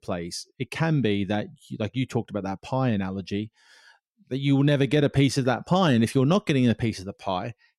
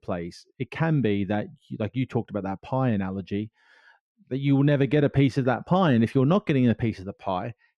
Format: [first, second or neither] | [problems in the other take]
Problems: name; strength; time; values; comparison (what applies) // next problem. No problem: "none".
first | muffled; slightly; fading above 4 kHz